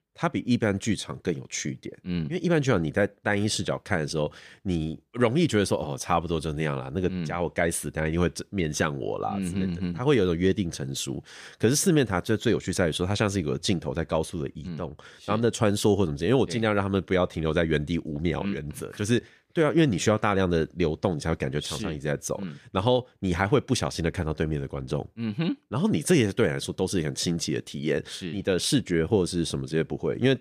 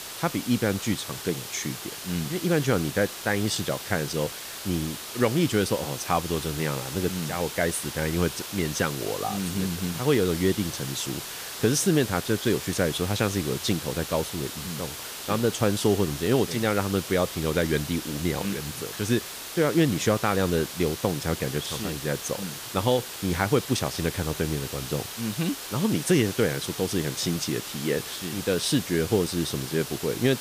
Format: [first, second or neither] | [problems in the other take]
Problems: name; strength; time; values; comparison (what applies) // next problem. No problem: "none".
first | hiss; loud; throughout; 8 dB below the speech